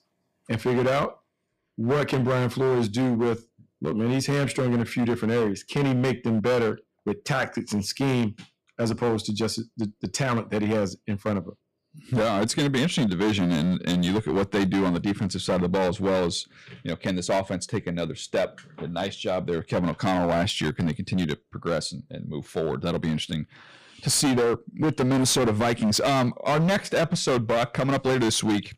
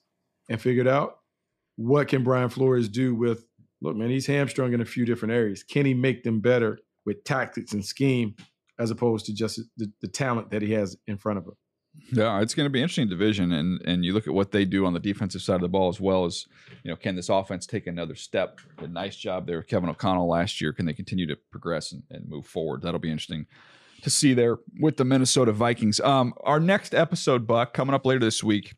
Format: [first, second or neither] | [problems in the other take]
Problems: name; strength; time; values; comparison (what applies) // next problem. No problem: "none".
second | distortion; heavy; 14% of the sound clipped